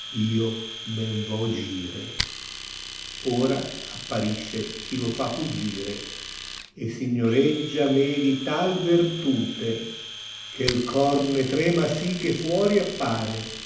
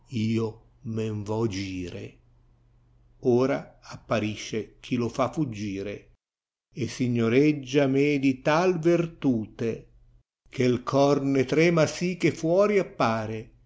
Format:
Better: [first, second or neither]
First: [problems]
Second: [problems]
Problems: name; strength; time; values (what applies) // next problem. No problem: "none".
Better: second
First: background sound (Domestic sounds, home sounds); 11 dB below the speech // room echo; dies away in 0.8 s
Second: none